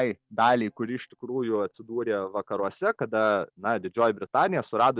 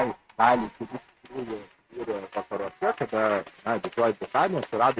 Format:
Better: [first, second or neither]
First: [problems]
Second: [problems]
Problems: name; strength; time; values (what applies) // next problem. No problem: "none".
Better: first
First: none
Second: noise reduction (neural mask model RNNoise)